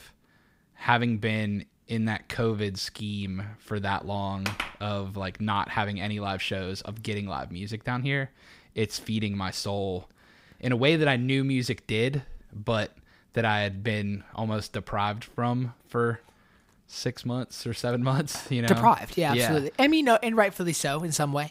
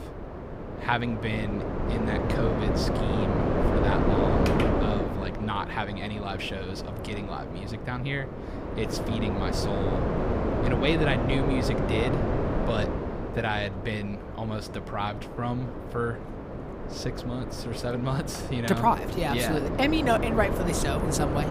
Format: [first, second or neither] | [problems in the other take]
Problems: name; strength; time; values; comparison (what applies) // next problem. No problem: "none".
first | wind noise on the microphone; heavy; 1 dB below the speech